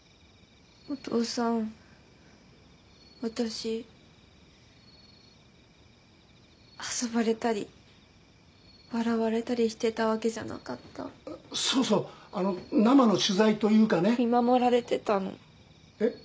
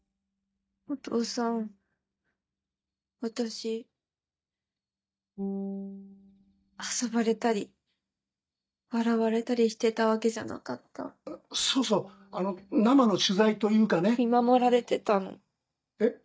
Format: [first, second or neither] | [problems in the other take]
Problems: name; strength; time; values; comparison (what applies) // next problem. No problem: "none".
first | noise reduction (neural mask model DeepFilterNet 3)